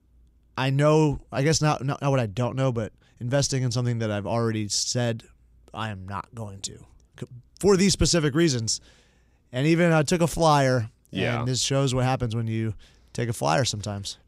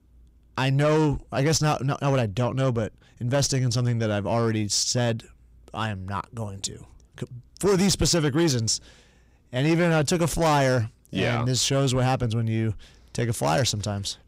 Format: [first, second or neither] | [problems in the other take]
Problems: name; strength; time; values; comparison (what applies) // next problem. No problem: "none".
first | distortion; slight; 10 dB below the speech